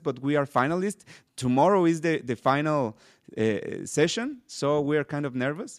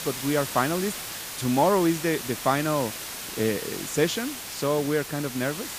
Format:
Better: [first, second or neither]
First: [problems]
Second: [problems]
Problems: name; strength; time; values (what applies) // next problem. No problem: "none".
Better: first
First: none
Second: hiss; loud; throughout; 7 dB below the speech